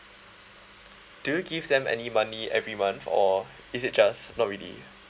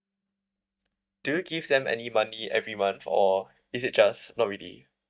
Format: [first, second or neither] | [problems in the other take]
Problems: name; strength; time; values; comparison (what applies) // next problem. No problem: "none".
first | noise reduction (neural mask model DeepFilterNet 3)